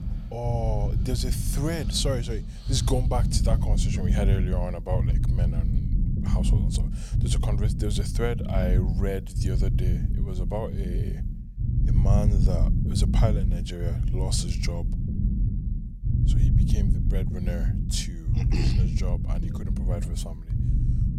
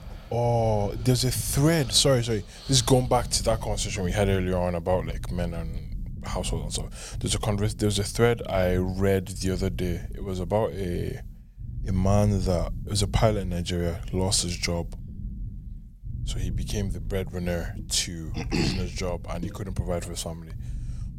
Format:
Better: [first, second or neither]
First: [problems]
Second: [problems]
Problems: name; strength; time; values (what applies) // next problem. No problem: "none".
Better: second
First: low rumble; loud; throughout; 6 dB below the speech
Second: low rumble; faint; throughout; 25 dB below the speech